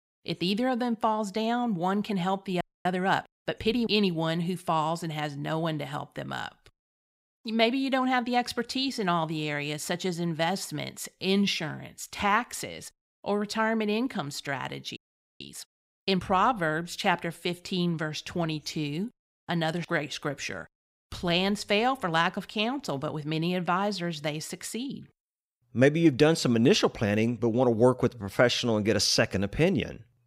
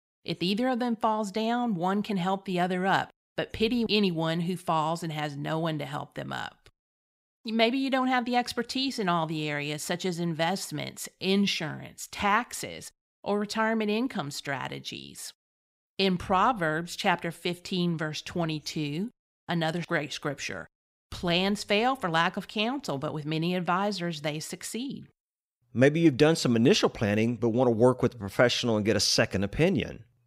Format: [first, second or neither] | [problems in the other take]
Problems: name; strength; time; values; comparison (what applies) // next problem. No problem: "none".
second | audio freezing; at 2.5 s and at 15 s